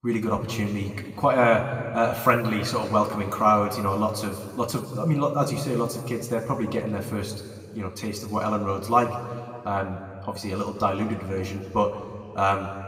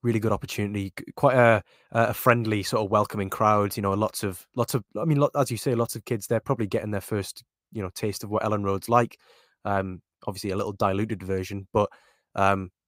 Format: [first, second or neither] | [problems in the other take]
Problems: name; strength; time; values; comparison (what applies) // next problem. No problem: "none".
second | room echo; slight; dies away in 1.9 s // off-mic speech; somewhat distant